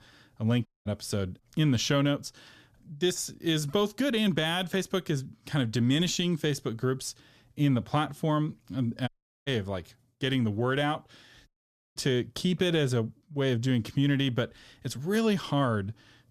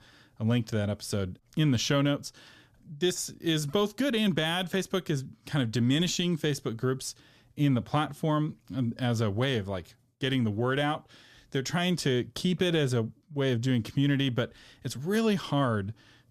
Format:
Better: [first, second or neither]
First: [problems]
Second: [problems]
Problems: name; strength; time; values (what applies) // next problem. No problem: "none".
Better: second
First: audio cutting out; at 0.5 s, at 9 s and at 11 s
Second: none